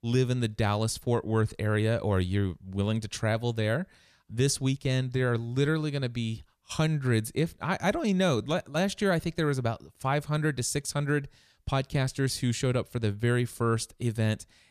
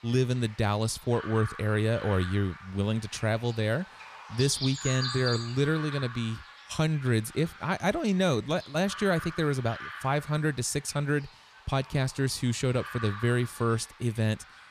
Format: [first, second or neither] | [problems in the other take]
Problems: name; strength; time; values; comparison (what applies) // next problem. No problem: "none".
first | animal sounds; noticeable; throughout; 10 dB below the speech